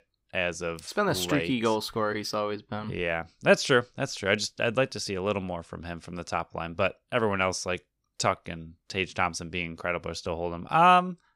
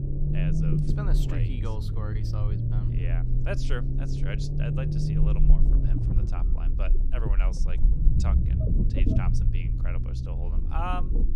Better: first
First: none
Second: low rumble; loud; throughout; as loud as the speech

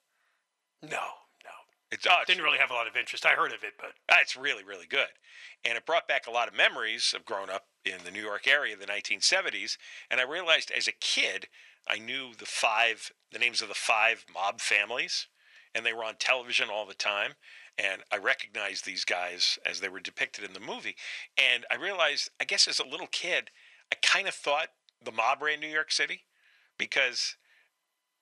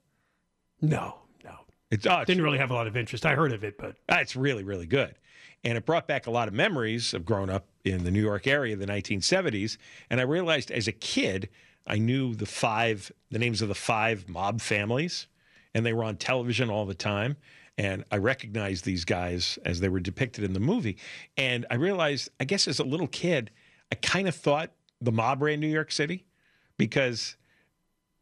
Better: second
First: thin; very; fading below 850 Hz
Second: none

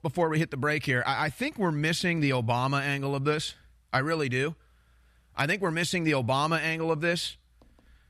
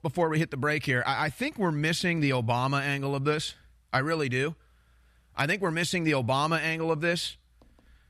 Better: neither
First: none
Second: none

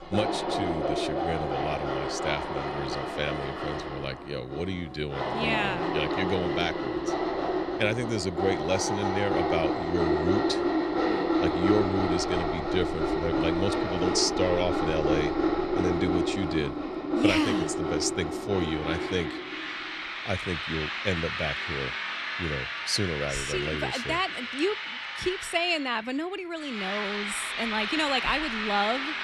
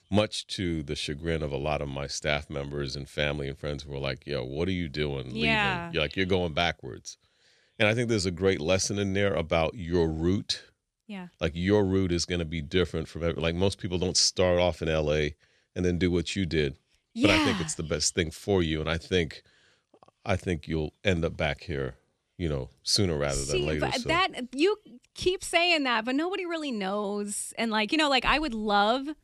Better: second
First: machinery noise; very loud; throughout; 1 dB above the speech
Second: none

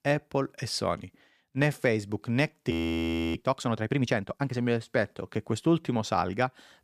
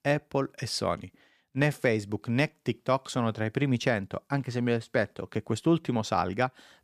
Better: second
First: audio freezing; at 2.5 s for 0.5 s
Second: none

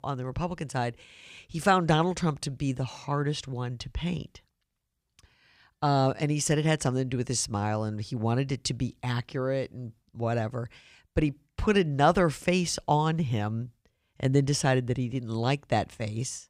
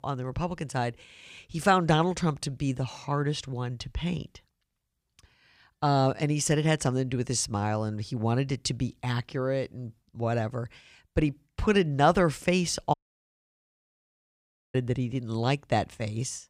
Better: first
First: none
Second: audio cutting out; at 13 s for 2 s

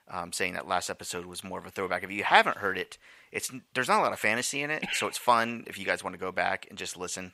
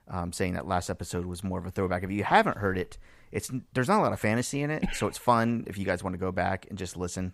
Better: second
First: thin; somewhat; fading below 900 Hz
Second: none

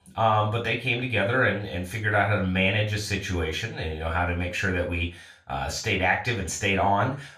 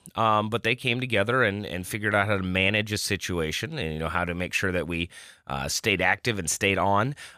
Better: second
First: room echo; slight; dies away in 0.3 s // off-mic speech; far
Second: none

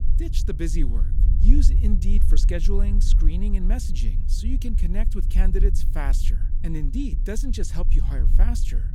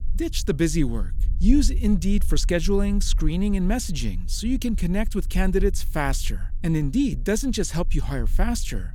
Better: second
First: low rumble; loud; throughout; 9 dB below the speech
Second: low rumble; faint; throughout; 25 dB below the speech

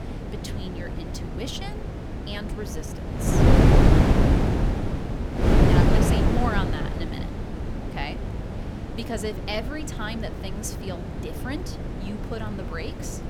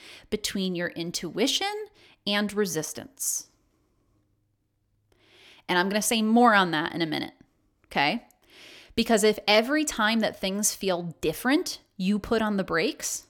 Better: second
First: wind noise on the microphone; heavy; 4 dB above the speech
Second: none

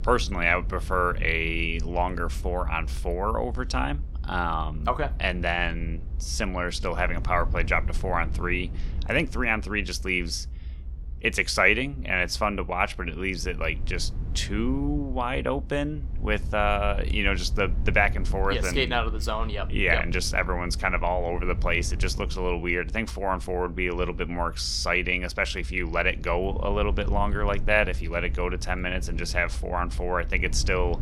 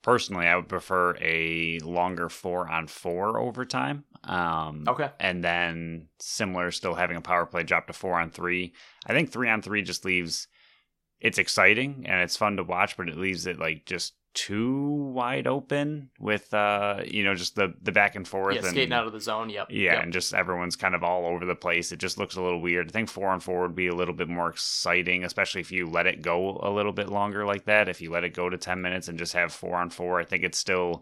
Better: second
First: low rumble; faint; throughout; 25 dB below the speech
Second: none

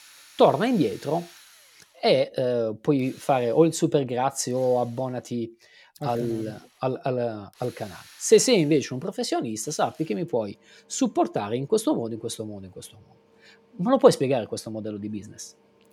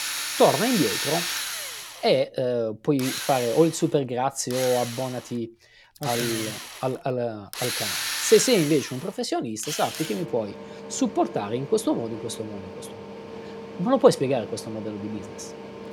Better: first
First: machinery noise; faint; throughout; 30 dB below the speech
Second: machinery noise; loud; throughout; 6 dB below the speech

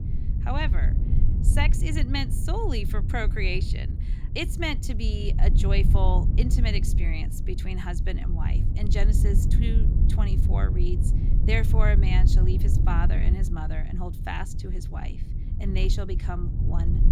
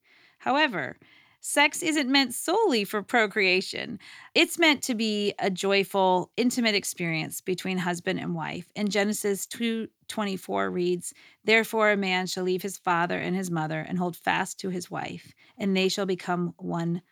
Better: second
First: low rumble; loud; throughout; 7 dB below the speech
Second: none

